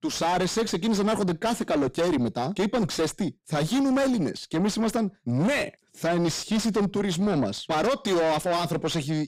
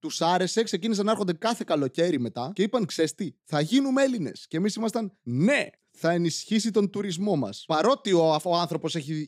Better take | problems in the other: second | distortion; heavy; 6 dB below the speech

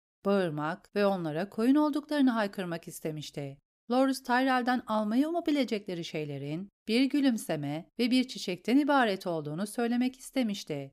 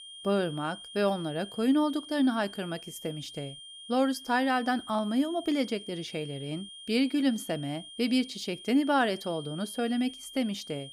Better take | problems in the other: first | high-pitched whine; noticeable; throughout; 3 kHz, 15 dB below the speech

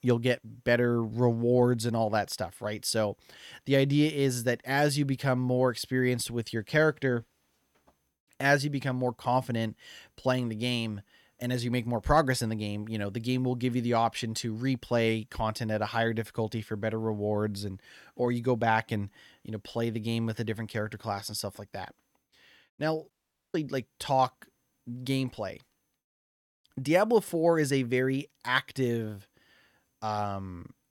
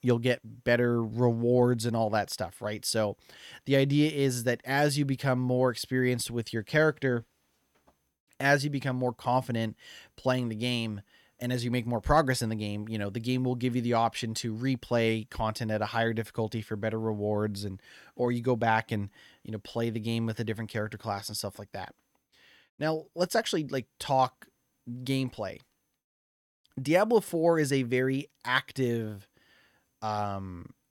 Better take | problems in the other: second | audio cutting out; at 23 s

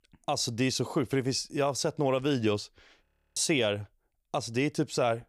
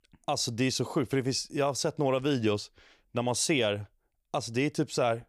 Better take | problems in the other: second | audio freezing; at 3 s

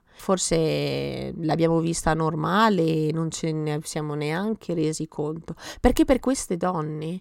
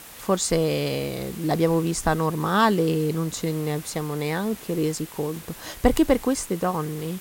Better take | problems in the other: first | hiss; noticeable; throughout; 15 dB below the speech

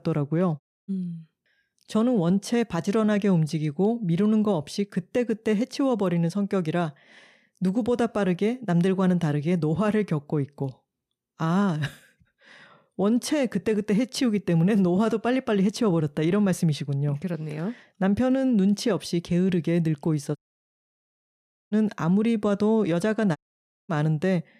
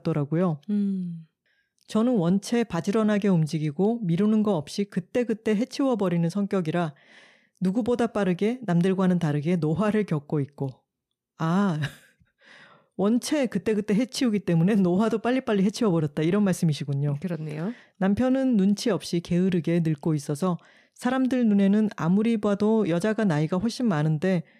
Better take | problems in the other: second | audio cutting out; at 0.5 s, at 20 s for 1.5 s and at 23 s for 0.5 s

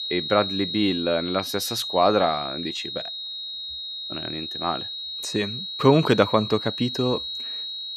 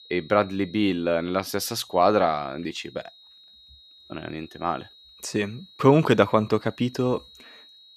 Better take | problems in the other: second | high-pitched whine; loud; throughout; 4 kHz, 6 dB below the speech; faint in the second

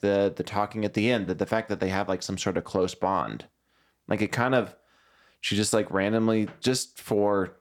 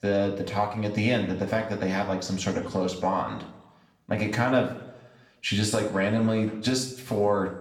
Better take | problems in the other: first | room echo; slight; dies away in 0.6 s // off-mic speech; somewhat distant

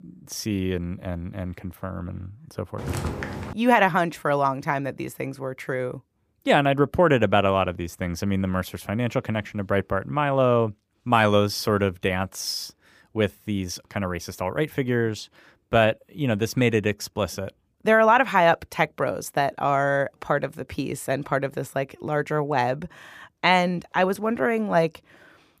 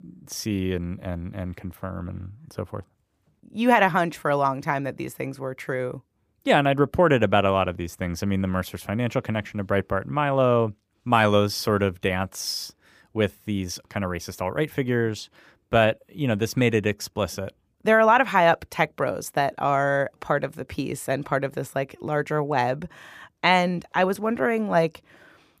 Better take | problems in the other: second | footsteps; noticeable; at 3 s; peak 5 dB below the speech

